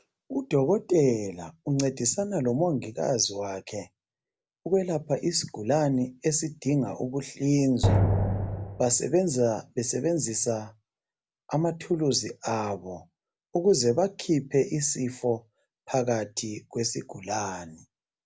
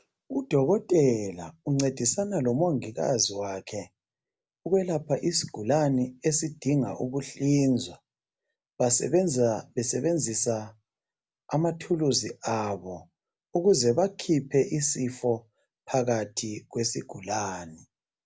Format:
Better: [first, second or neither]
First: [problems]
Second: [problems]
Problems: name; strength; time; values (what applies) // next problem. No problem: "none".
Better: second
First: background sound (Drum); 2 dB above the speech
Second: none